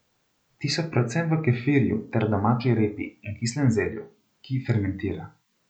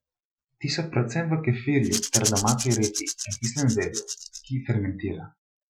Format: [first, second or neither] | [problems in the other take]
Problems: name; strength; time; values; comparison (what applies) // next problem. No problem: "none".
first | noise reduction (classical method Wiener filter)